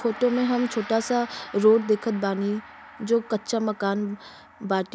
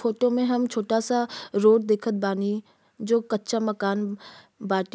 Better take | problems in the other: second | background sound (Gong); 18 dB below the speech

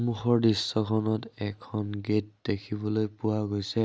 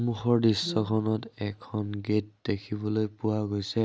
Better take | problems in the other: first | background sound (Brass instrument); 12 dB below the speech

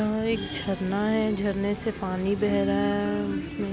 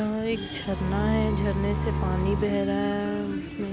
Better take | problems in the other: first | background sound (Bowed string instrument); 1 dB below the speech

